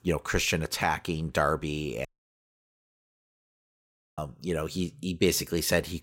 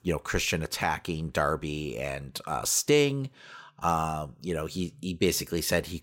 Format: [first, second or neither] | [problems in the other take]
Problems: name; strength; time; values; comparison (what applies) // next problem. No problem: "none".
second | audio cutting out; at 2 s for 2 s